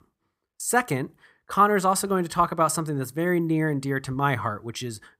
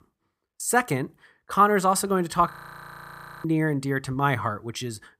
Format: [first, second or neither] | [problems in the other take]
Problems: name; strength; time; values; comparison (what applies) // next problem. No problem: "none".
first | audio freezing; at 2.5 s for 1 s